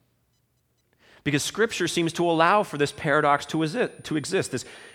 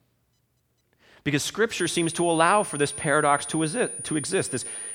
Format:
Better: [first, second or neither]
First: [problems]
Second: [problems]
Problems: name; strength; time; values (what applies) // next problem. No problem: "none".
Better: first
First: high-pitched whine; faint; from 2 s on; 9.5 kHz, 30 dB below the speech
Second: high-pitched whine; loud; from 2 s on; 9.5 kHz, 8 dB below the speech